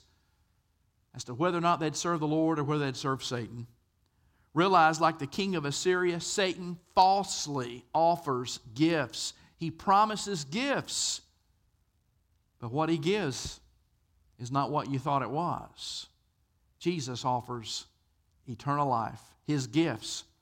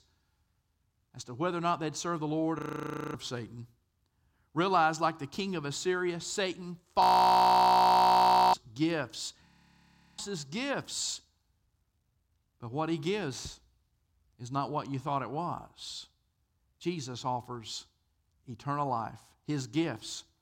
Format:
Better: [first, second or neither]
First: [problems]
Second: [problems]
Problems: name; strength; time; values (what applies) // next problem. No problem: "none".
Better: first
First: none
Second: audio freezing; at 2.5 s for 0.5 s, at 7 s for 1.5 s and at 9.5 s for 0.5 s